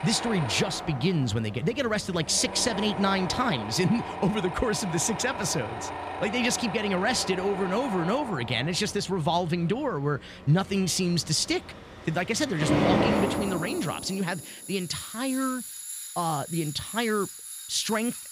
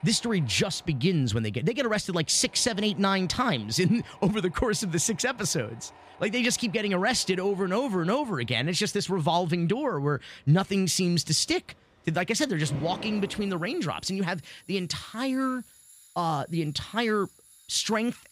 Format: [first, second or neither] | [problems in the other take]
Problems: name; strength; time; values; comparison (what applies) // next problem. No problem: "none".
second | machinery noise; loud; throughout; 6 dB below the speech; faint in the second